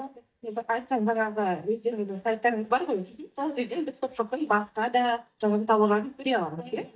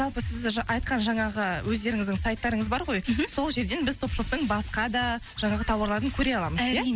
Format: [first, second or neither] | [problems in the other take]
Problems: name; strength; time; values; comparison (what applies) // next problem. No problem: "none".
second | noise reduction (neural mask model DeepFilterNet 3)